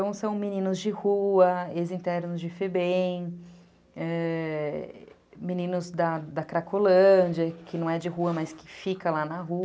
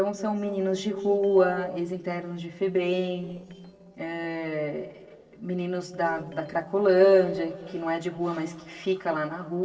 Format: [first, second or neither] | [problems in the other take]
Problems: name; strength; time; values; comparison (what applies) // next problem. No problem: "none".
first | noise reduction (neural separator model SepFormer DNS4)